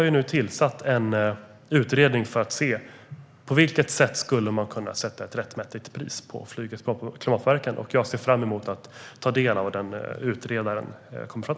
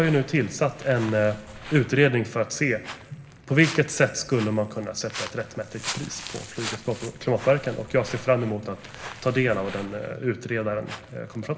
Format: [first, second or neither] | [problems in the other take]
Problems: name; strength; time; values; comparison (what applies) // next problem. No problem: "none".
first | background sound (Walk, footsteps); 15 dB below the speech // room echo; dies away in 0.9 s